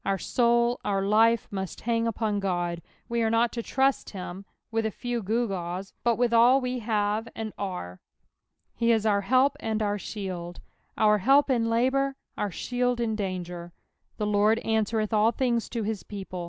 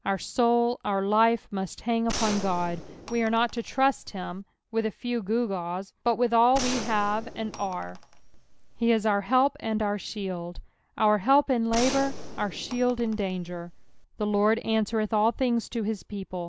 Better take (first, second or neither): first